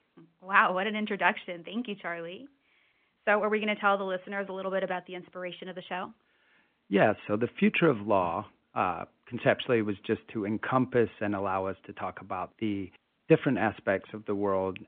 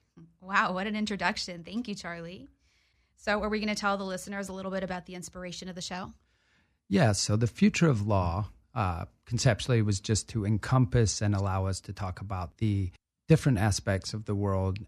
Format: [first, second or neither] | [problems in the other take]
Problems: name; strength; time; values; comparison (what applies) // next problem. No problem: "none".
second | phone-call audio